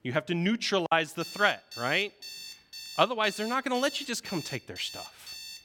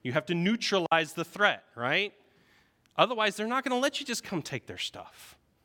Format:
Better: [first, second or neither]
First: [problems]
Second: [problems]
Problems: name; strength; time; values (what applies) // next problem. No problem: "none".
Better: second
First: alarm; faint; from 1 s on; peak 10 dB below the speech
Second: none